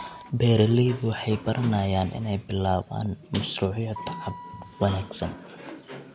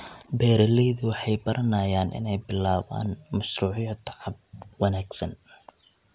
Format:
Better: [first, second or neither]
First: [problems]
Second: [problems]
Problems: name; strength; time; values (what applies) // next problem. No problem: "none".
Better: second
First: background sound (Sliding door); 14 dB below the speech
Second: none